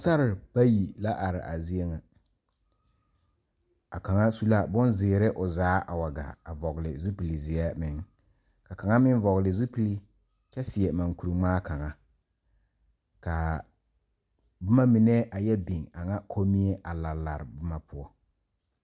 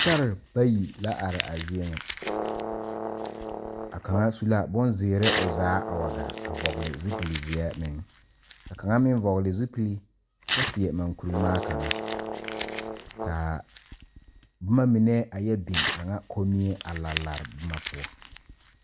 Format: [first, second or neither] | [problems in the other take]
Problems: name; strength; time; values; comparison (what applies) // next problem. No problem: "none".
first | background sound (Crumpling, crinkling / Tearing + Brass instrument); 6 dB below the speech